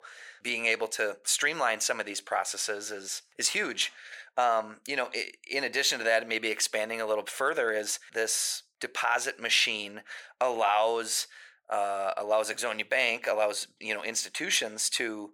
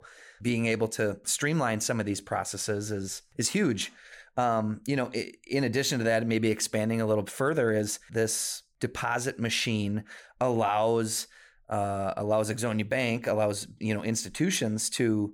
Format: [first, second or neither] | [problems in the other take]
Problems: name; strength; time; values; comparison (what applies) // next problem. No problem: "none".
second | thin; very; fading below 650 Hz